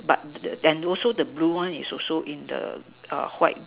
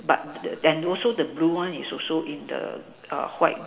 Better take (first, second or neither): first